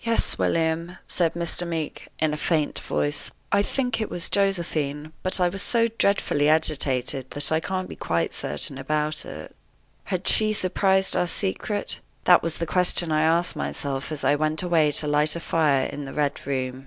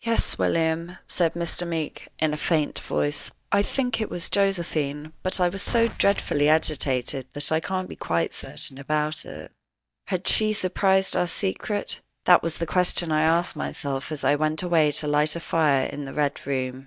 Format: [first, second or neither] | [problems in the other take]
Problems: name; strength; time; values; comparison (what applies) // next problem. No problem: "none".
first | noise reduction (neural mask model DeepFilterNet 3)